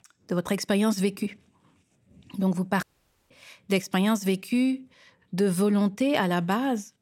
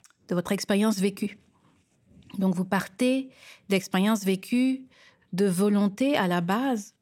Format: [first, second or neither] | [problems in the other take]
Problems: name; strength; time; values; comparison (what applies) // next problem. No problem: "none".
second | audio cutting out; at 3 s